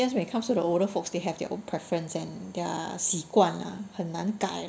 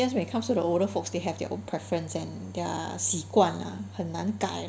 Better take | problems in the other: first | background sound (Organ); 15 dB below the speech

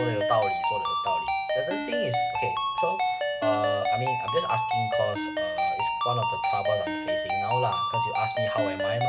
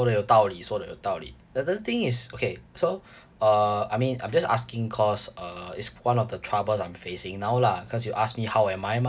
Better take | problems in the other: second | background sound (Ringtone); 4 dB above the speech // room echo; dies away in 0.9 s

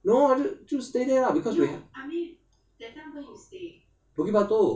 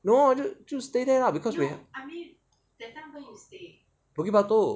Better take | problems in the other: second | room echo; dies away in 0.2 s

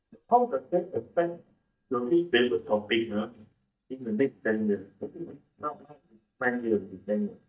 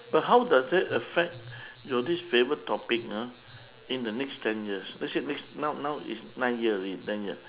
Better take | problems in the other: second | noise reduction (neural mask model DeepFilterNet 3)

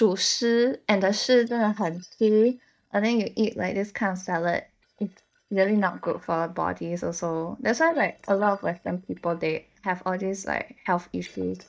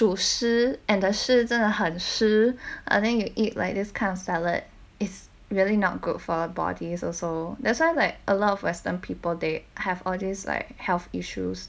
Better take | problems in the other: second | noise reduction (neural mask model DeepFilterNet 3)

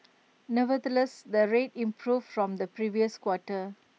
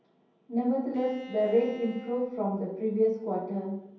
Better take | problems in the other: first | background sound (Bowed string instrument); 17 dB below the speech // room echo; dies away in 0.9 s

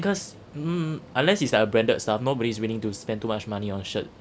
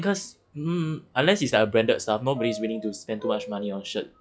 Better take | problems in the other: first | noise reduction (classical method log-MMSE)

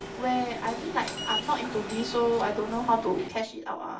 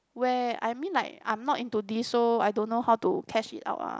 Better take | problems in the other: second | background sound (Subway, metro, underground); 7 dB below the speech // room echo; dies away in 0.3 s

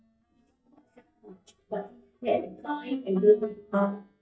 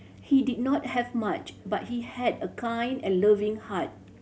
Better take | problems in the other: second | noise reduction (neural mask model DeepFilterNet 3)

